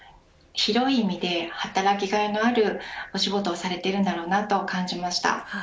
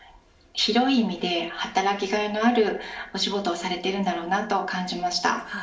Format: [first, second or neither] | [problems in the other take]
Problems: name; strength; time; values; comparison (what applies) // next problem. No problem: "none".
first | room echo; dies away in 0.6 s